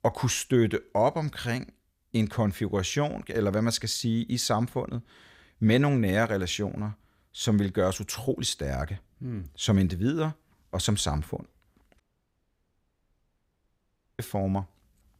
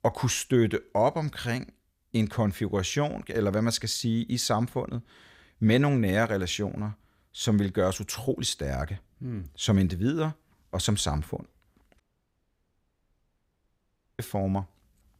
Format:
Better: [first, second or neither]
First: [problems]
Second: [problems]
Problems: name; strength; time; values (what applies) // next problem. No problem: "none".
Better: neither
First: audio cutting out; at 12 s for 2 s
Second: audio cutting out; at 12 s for 2 s